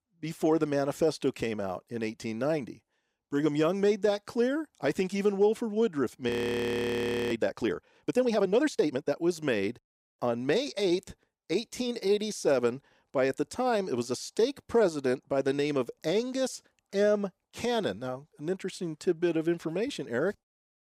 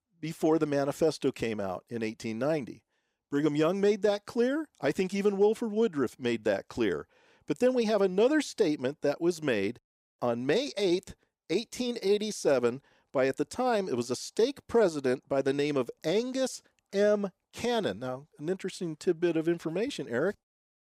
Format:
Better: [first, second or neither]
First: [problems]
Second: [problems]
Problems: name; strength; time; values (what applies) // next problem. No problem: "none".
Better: second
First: audio freezing; at 6.5 s for 1 s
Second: none